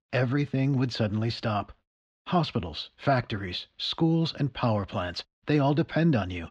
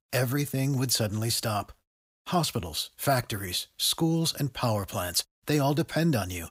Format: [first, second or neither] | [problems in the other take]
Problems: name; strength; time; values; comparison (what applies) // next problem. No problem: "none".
second | muffled; slightly; fading above 3.5 kHz